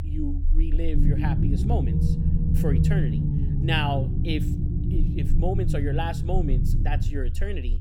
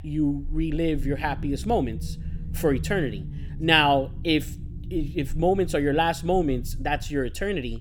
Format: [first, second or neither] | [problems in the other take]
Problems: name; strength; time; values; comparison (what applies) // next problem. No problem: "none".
second | low rumble; loud; throughout; 4 dB below the speech; faint in the second